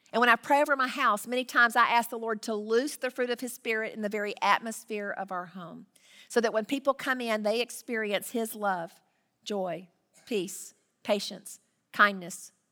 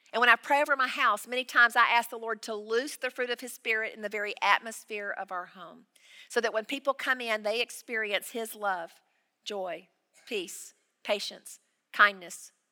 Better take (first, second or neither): first